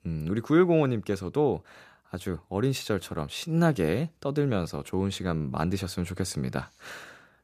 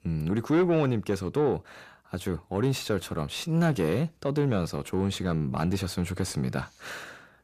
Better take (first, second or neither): first